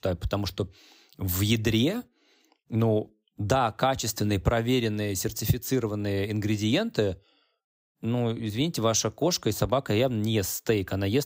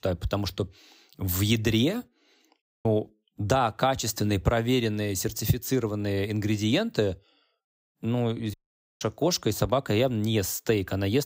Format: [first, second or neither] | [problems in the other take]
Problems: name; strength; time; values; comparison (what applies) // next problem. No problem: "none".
first | audio cutting out; at 2.5 s and at 8.5 s